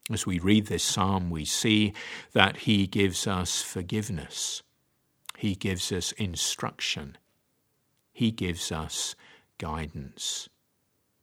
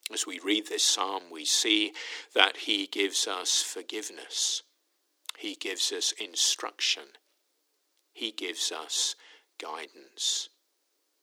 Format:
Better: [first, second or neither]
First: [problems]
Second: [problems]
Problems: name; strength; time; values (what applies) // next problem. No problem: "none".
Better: first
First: none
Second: thin; very; fading below 300 Hz